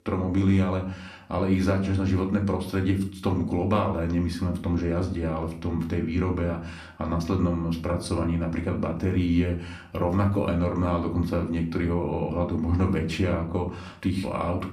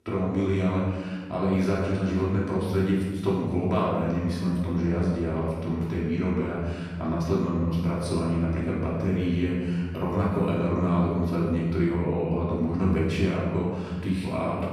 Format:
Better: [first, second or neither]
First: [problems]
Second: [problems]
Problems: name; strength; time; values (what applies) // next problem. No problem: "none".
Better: first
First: room echo; slight; dies away in 0.4 s // off-mic speech; somewhat distant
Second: room echo; strong; dies away in 1.4 s // off-mic speech; far